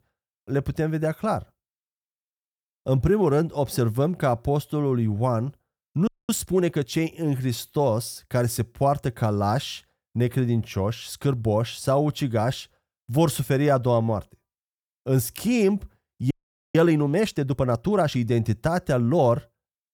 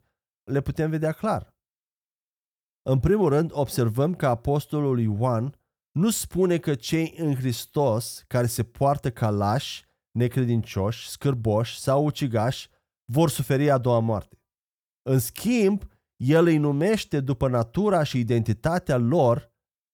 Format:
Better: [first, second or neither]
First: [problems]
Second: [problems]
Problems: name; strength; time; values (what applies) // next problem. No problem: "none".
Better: second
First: audio freezing; at 6 s and at 16 s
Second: none